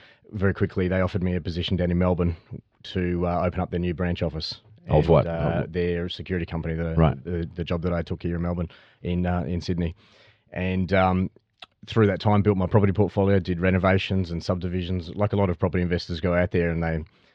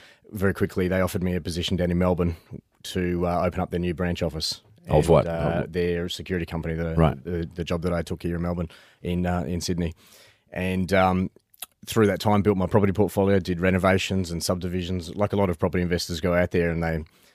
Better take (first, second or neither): second